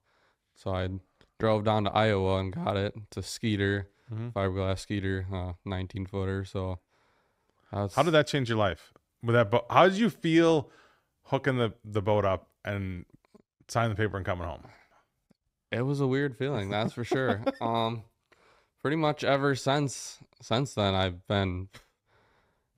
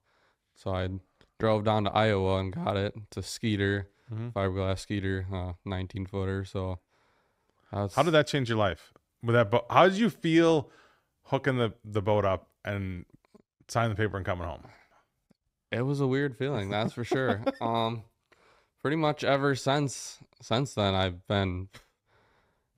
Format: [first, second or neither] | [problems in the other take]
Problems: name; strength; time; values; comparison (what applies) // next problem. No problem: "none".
neither | none